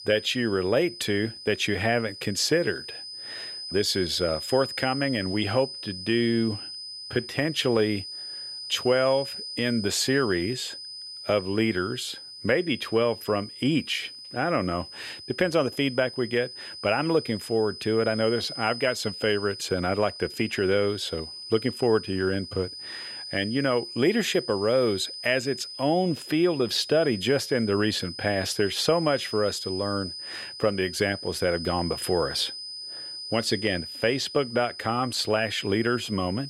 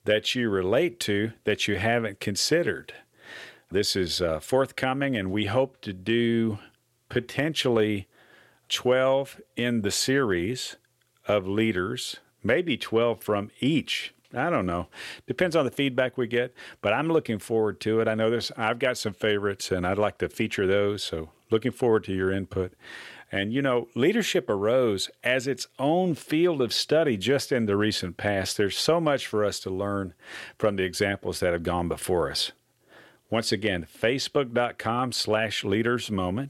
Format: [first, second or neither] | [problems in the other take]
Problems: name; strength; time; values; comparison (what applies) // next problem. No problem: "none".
second | high-pitched whine; loud; throughout; 5 kHz, 10 dB below the speech